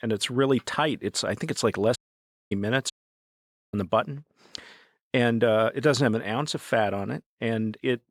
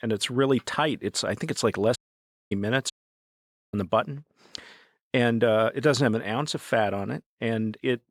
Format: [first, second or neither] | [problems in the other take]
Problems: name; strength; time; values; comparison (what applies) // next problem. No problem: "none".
neither | audio cutting out; at 2 s for 0.5 s and at 3 s for 1 s; the same in both